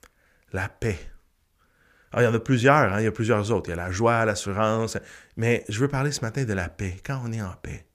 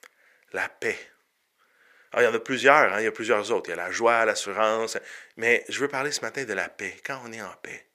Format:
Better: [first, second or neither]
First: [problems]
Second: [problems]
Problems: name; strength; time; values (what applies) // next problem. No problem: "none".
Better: first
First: none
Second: thin; somewhat; fading below 450 Hz